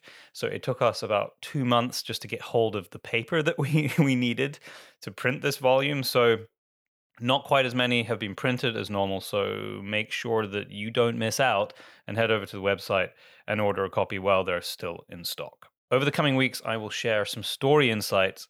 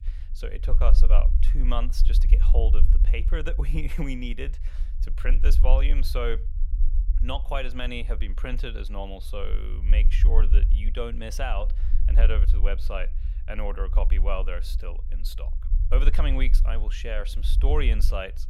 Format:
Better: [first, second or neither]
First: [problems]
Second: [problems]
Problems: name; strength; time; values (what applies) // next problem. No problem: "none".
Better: first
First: none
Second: low rumble; noticeable; throughout; 15 dB below the speech